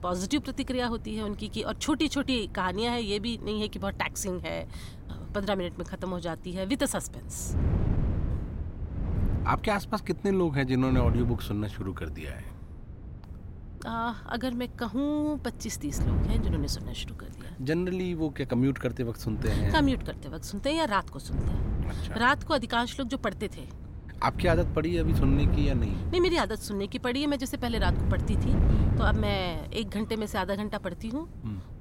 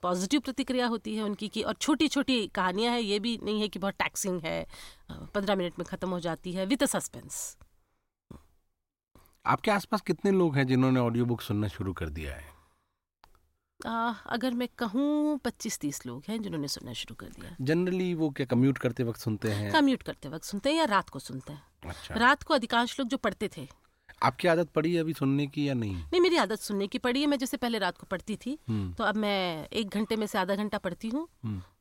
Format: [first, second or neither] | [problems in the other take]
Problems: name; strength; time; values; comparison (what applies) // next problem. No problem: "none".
second | wind noise on the microphone; occasional gusts; 15 dB below the speech